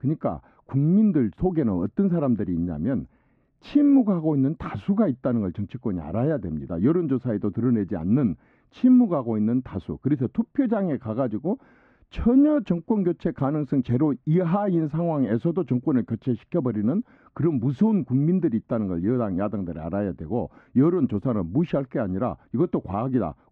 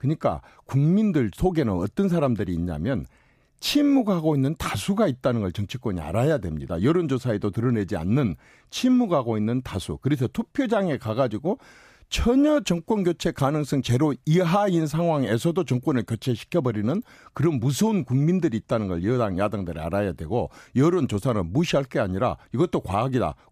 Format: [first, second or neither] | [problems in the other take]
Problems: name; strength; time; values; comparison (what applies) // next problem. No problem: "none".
second | muffled; very; fading above 1.5 kHz